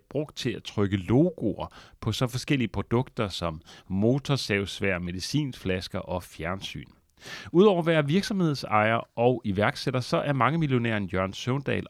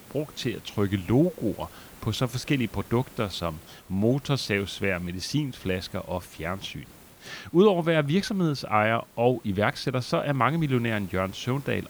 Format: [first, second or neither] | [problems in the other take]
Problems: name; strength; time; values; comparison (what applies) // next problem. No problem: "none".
first | hiss; faint; throughout; 20 dB below the speech